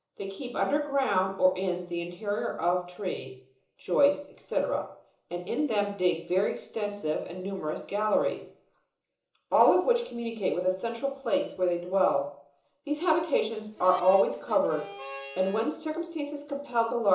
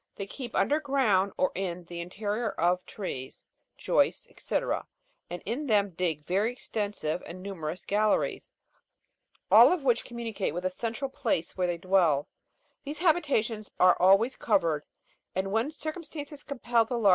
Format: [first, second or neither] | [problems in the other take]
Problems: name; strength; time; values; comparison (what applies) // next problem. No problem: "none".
second | background sound (Harmonica); 14 dB below the speech // room echo; dies away in 0.6 s